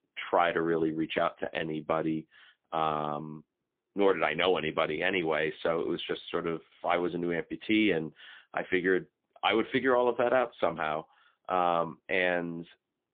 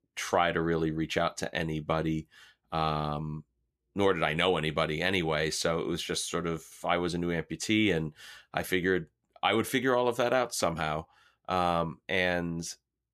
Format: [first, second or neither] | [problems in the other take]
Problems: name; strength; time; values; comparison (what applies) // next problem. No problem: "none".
second | phone-call audio; poor line